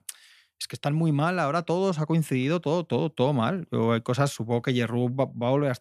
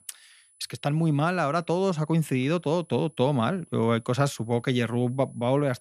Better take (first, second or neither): first